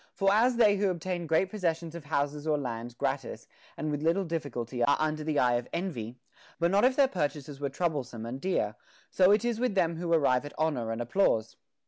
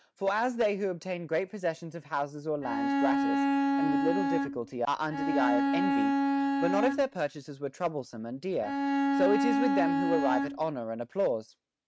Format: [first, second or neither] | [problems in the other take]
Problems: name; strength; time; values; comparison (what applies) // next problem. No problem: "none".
first | noise reduction (neural mask model RNNoise)